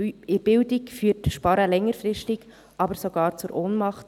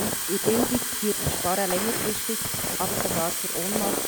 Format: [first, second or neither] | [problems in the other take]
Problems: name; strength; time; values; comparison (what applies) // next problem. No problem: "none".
first | background sound (Walk, footsteps + Fill (with liquid) / Water tap, faucet); 2 dB above the speech